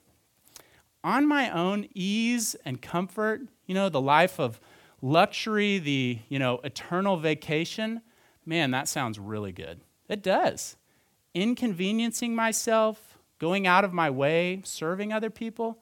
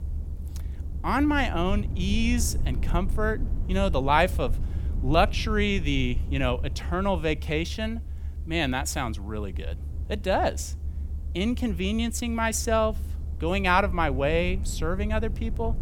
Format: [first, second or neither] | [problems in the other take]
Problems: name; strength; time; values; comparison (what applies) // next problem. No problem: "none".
first | low rumble; faint; throughout; 20 dB below the speech